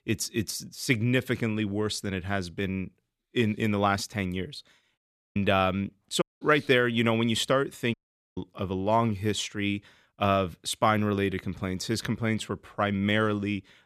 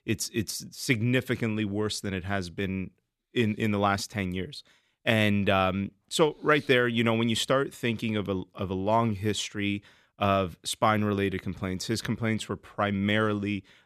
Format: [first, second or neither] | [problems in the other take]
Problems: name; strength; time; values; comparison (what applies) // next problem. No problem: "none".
second | audio cutting out; at 5 s, at 6 s and at 8 s